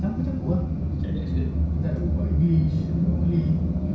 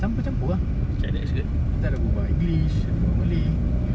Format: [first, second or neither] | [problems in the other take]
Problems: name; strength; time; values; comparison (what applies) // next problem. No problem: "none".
second | room echo; dies away in 0.6 s